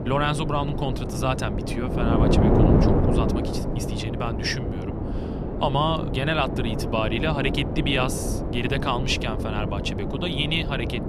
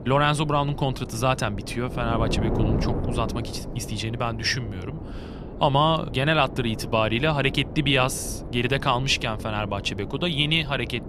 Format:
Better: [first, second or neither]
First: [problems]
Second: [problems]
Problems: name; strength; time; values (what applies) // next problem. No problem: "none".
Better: second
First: wind noise on the microphone; heavy; 4 dB below the speech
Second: wind noise on the microphone; occasional gusts; 15 dB below the speech